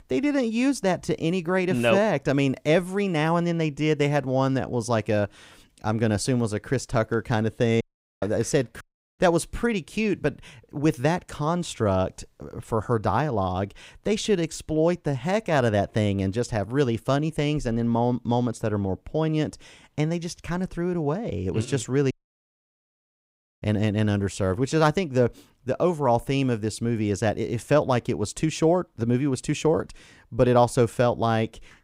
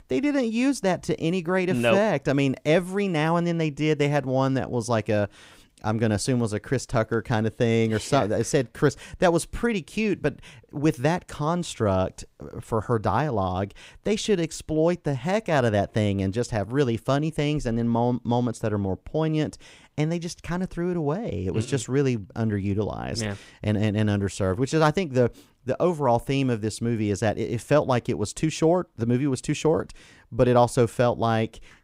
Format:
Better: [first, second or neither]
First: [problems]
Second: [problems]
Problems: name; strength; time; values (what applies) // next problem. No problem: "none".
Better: second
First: audio cutting out; at 8 s, at 9 s and at 22 s for 1.5 s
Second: none